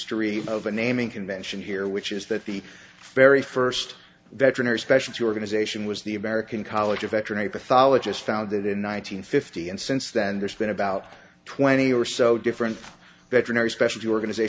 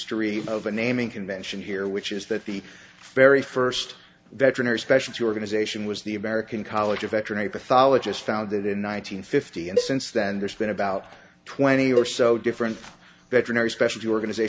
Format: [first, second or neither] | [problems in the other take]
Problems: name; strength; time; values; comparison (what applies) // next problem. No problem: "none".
first | background sound (Cowbell); 7 dB below the speech